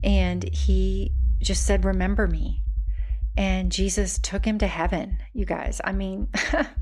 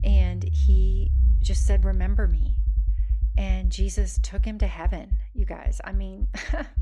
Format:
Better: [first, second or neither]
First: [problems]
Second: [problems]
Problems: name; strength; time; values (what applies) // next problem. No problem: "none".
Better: first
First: low rumble; faint; throughout; 20 dB below the speech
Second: low rumble; loud; throughout; 9 dB below the speech